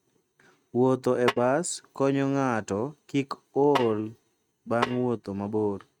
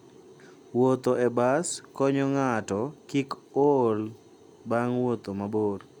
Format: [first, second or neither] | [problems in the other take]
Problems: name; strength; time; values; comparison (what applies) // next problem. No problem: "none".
second | noise reduction (neural mask model RNNoise)